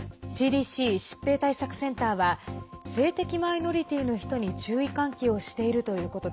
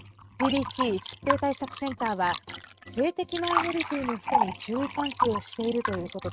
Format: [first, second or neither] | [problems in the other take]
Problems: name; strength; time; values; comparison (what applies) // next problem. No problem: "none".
first | noise reduction (neural mask model RNNoise)